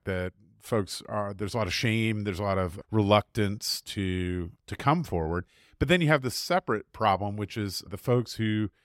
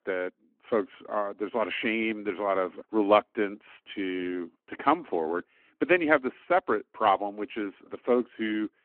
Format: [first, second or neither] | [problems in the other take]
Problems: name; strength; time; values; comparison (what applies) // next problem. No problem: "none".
first | phone-call audio